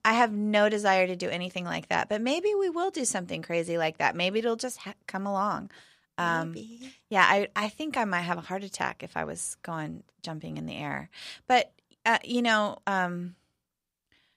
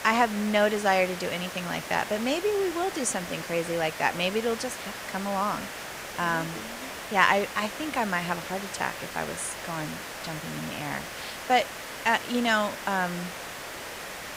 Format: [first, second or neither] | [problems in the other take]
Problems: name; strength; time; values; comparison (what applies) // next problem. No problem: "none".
first | hiss; loud; throughout; 8 dB below the speech